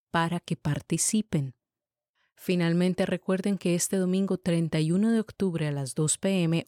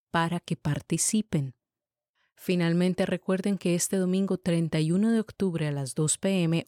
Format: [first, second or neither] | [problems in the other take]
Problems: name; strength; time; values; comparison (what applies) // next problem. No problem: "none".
neither | none